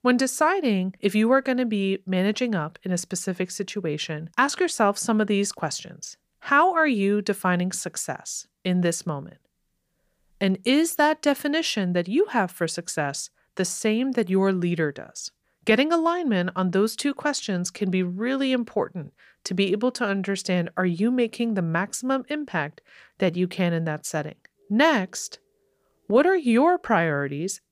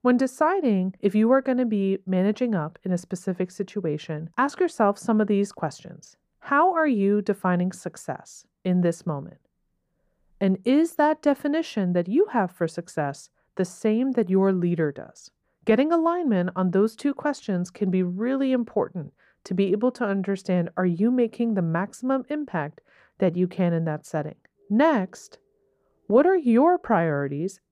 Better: first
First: none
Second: muffled; slightly; fading above 1.5 kHz

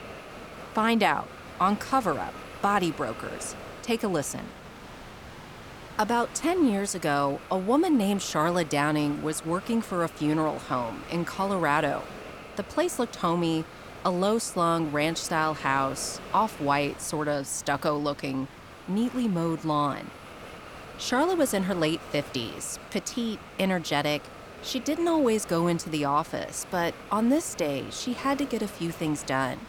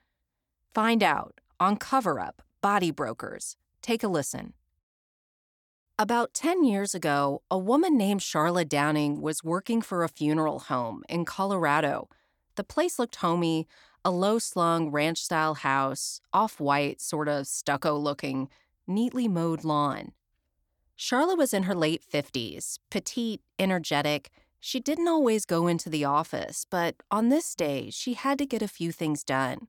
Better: second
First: hiss; noticeable; throughout; 15 dB below the speech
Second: none

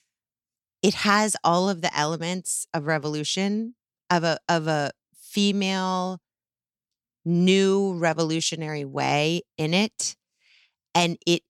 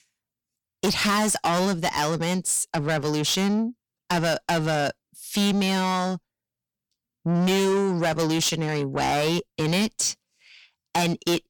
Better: first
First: none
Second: distortion; heavy; 6 dB below the speech

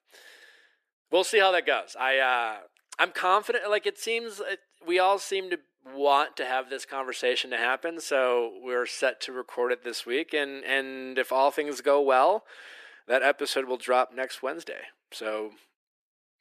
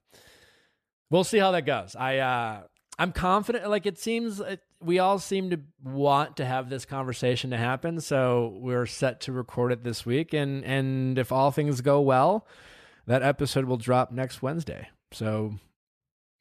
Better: second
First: thin; very; fading below 350 Hz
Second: none

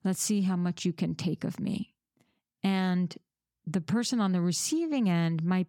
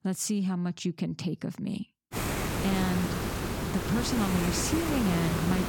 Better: first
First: none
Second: hiss; loud; from 2 s on; 1 dB below the speech

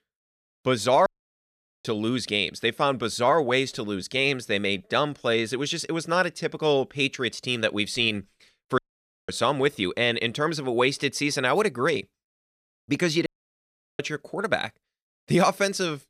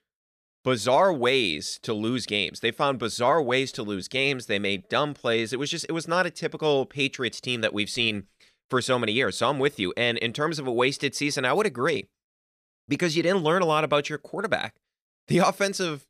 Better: second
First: audio cutting out; at 1 s for 1 s, at 9 s for 0.5 s and at 13 s for 0.5 s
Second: none

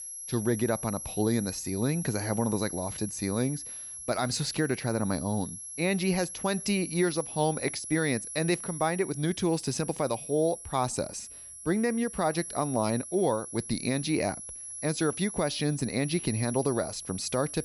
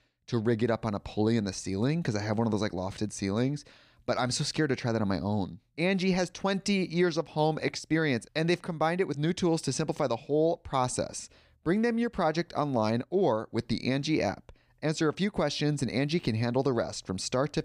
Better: second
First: high-pitched whine; loud; throughout; 11 kHz, 8 dB below the speech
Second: none

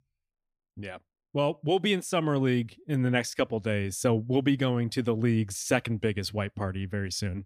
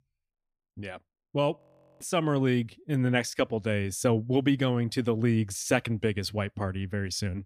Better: first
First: none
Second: audio freezing; at 1.5 s

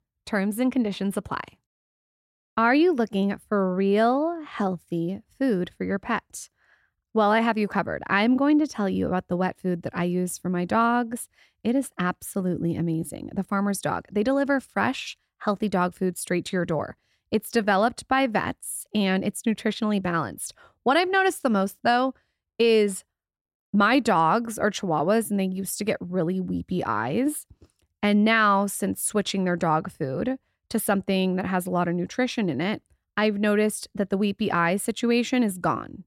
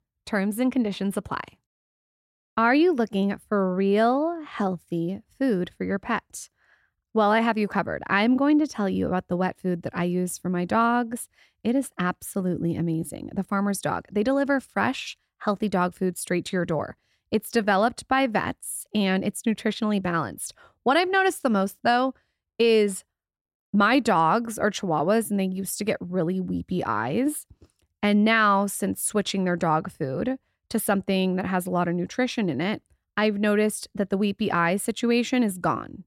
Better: neither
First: none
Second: none

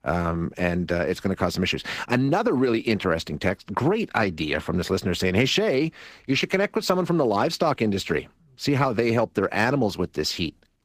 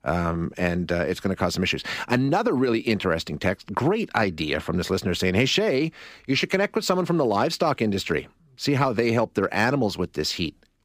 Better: second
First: garbled, watery; slightly; nothing above 15 kHz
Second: none

